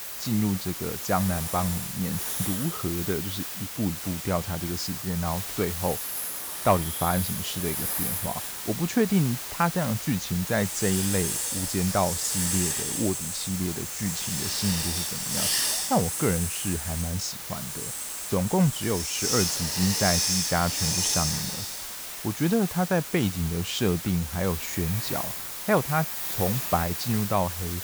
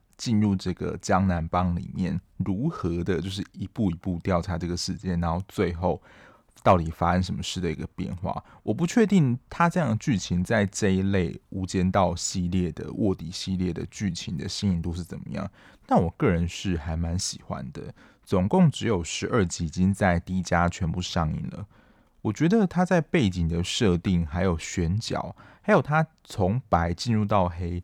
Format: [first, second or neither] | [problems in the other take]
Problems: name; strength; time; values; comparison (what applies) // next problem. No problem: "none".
second | hiss; loud; throughout; 1 dB below the speech